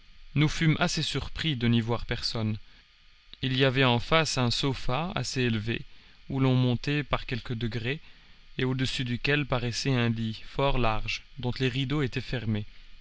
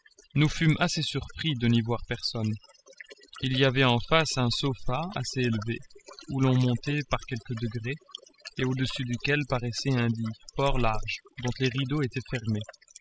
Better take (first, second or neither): first